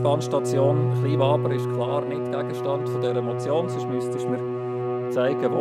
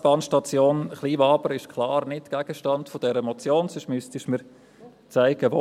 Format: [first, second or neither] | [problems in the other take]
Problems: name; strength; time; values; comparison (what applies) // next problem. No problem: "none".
second | background sound (Bowed string instrument); 2 dB above the speech